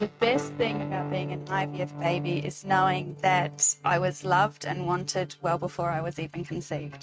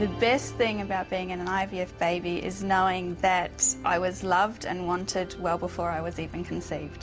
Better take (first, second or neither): second